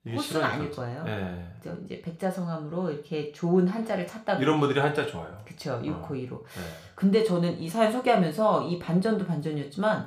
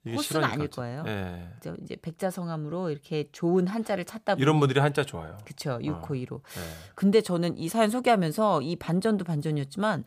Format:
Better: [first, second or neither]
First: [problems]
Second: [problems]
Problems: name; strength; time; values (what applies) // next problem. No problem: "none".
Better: second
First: room echo; very slight; dies away in 0.4 s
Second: none